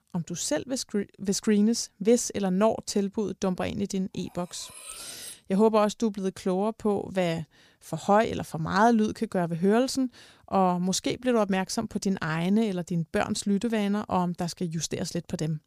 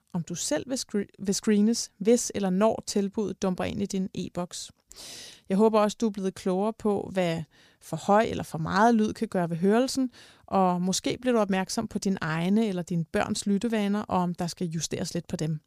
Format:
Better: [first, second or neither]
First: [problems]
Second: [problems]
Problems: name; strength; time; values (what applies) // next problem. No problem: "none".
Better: second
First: clattering dishes; faint; from 4.5 to 5.5 s; peak 15 dB below the speech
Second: none